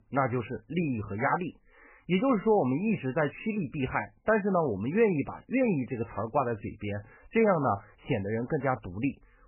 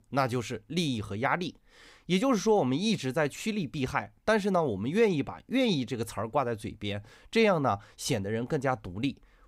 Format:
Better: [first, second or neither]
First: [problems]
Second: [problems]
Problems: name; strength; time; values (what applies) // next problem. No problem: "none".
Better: second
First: garbled, watery; badly; nothing above 3 kHz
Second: none